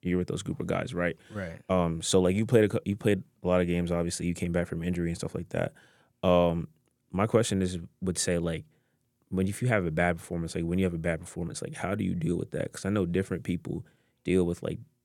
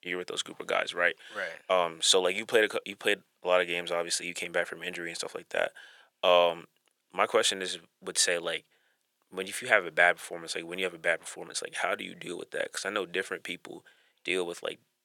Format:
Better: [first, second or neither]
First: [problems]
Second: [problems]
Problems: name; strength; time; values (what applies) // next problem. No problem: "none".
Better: first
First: none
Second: thin; very; fading below 700 Hz